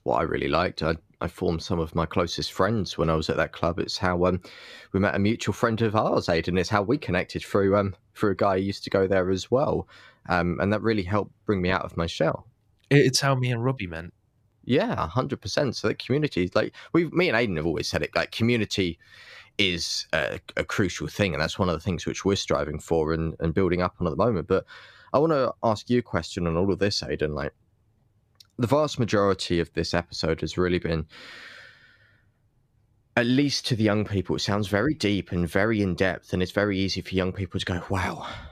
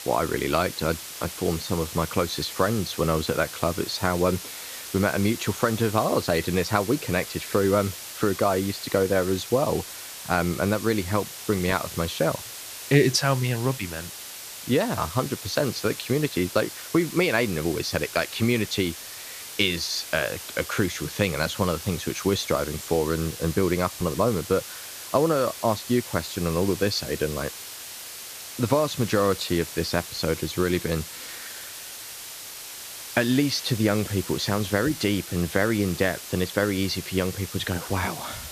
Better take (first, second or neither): first